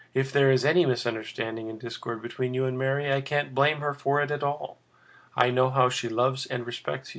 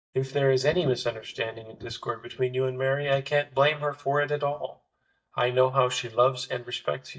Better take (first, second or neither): first